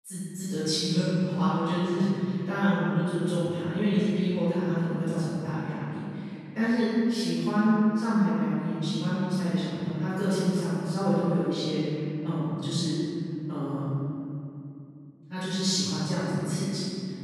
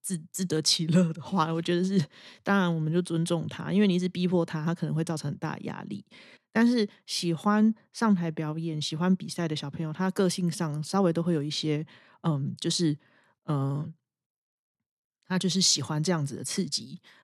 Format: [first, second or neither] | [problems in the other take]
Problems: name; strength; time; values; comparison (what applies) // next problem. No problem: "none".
second | off-mic speech; far // room echo; strong; dies away in 2.5 s